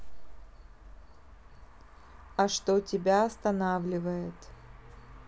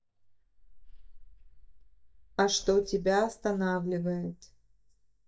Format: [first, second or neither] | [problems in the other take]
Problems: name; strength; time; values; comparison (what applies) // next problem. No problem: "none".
first | noise reduction (neural mask model DeepFilterNet 3)